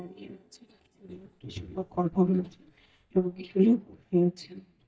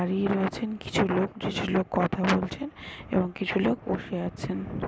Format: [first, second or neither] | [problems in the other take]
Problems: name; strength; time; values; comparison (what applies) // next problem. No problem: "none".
second | noise reduction (neural mask model DeepFilterNet 3)